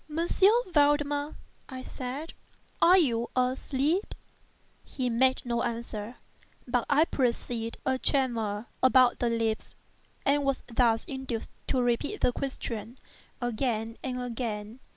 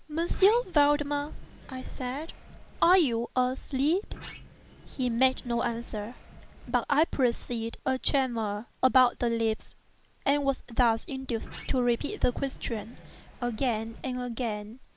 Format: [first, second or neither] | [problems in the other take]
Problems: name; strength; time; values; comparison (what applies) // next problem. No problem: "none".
first | background sound (Sliding door); 19 dB below the speech